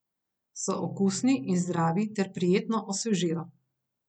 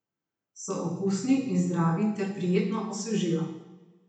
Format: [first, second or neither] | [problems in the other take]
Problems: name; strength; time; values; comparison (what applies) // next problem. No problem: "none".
first | room echo; dies away in 0.9 s